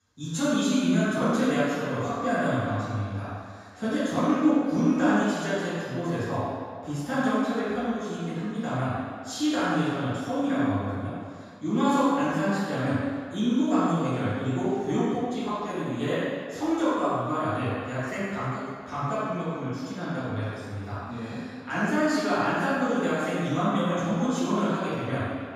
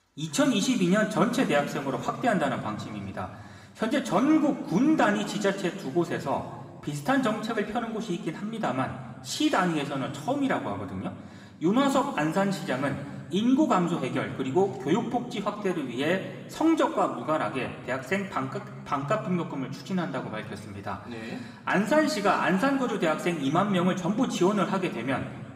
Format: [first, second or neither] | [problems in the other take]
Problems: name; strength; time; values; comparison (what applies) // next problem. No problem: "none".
second | room echo; strong; dies away in 1.8 s; slight in the second // off-mic speech; far; somewhat distant in the second